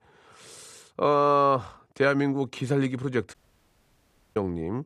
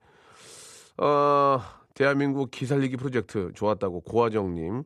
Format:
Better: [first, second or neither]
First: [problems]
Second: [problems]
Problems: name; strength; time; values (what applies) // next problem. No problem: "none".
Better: second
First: audio cutting out; at 3.5 s for 1 s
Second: none